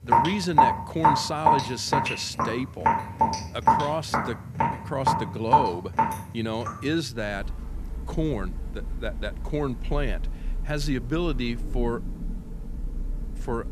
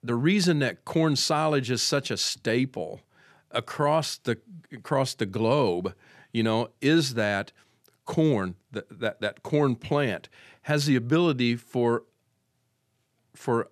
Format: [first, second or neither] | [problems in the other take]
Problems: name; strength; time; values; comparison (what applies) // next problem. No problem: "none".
second | rain or running water; very loud; throughout; 3 dB above the speech